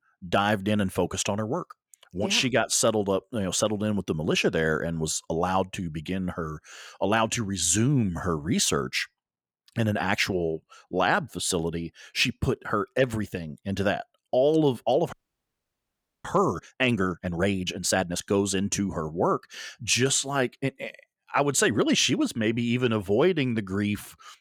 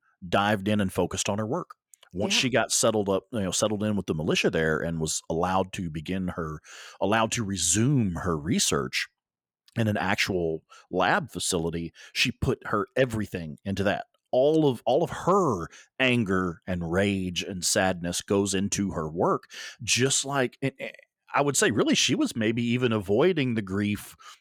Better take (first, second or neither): second